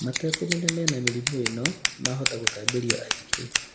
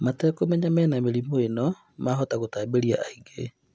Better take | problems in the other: second | background sound (Scissors); 1 dB above the speech // room echo; dies away in 1.2 s

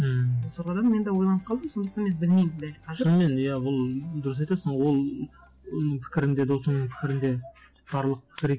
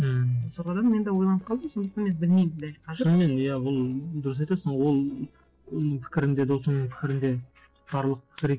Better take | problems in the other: first | noise reduction (neural separator model SepFormer DNS4)

